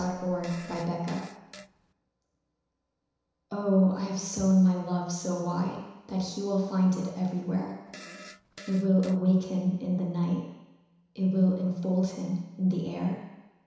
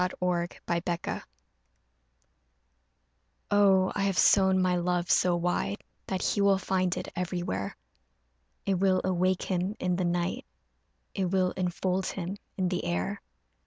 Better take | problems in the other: second | background sound (Fart); 19 dB below the speech // room echo; dies away in 1 s

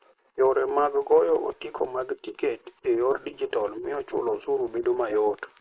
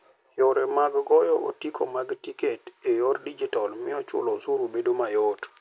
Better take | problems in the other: second | noise reduction (neural mask model Resemble Enhance denoiser)

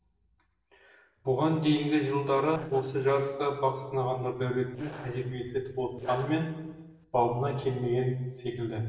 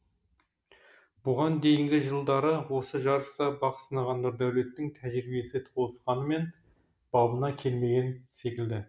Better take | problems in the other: second | noise reduction (neural separator model SepFormer DNS4)

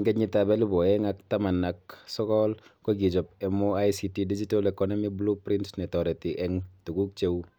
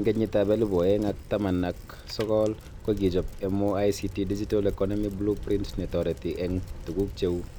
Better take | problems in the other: first | background sound (Bicycle); 12 dB below the speech

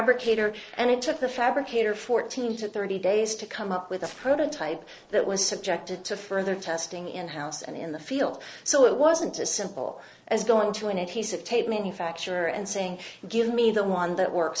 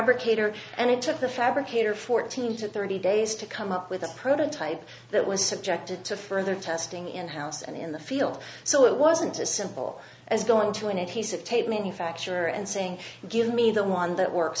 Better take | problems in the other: second | noise reduction (neural separator model SepFormer DNS4)

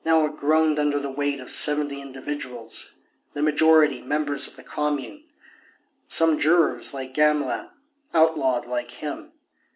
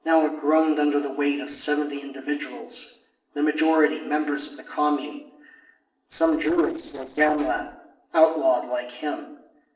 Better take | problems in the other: first | noise reduction (neural separator model SepFormer DNS4)

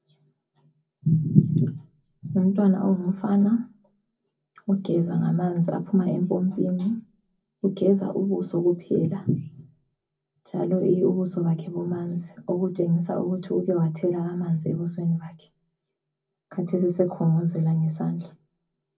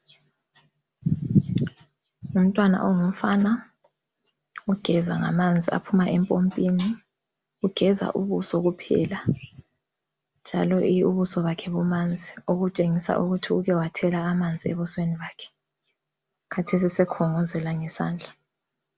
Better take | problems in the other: second | room echo; dies away in 0.4 s

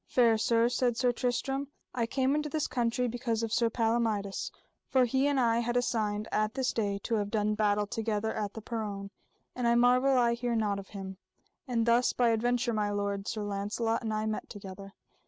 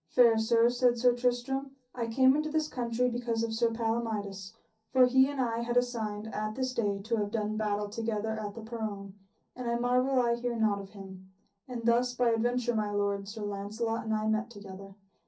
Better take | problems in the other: first | room echo; dies away in 0.3 s

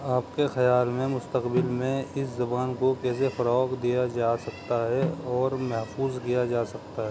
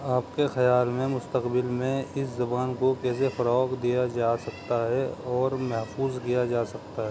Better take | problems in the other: second | background sound (Snare drum); 12 dB below the speech

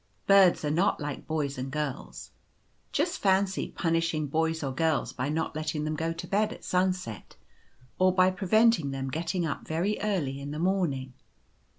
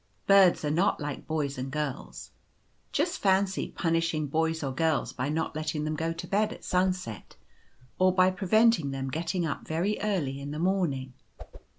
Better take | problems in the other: first | background sound (Whoosh, swoosh, swish); 13 dB below the speech

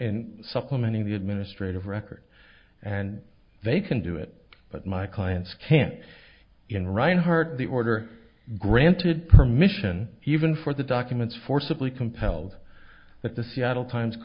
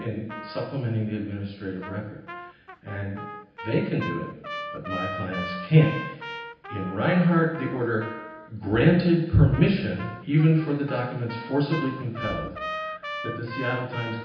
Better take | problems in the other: first | background sound (Trumpet); 12 dB below the speech // room echo; dies away in 0.9 s

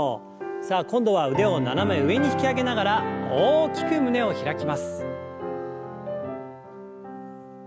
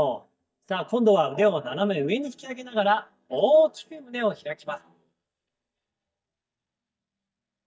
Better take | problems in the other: first | noise reduction (neural mask model DeepFilterNet 3)

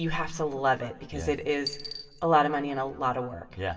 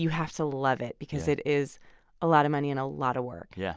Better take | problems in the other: second | background sound (Coin (dropping)); 15 dB below the speech // room echo; dies away in 1.1 s

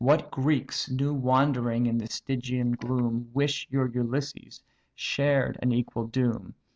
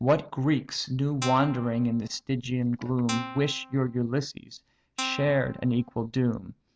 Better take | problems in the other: first | background sound (Guitar); 11 dB below the speech

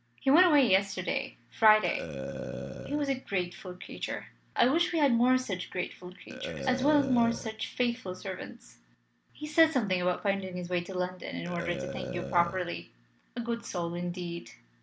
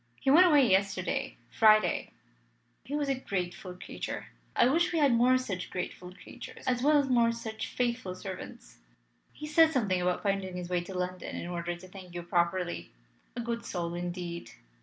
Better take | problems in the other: second | background sound (Burping, eructation); 10 dB below the speech

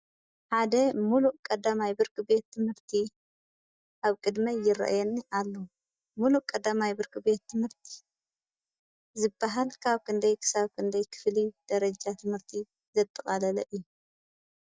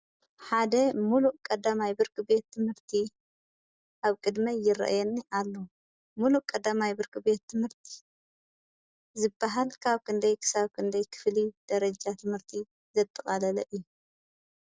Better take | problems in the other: second | noise reduction (neural mask model DeepFilterNet 3)

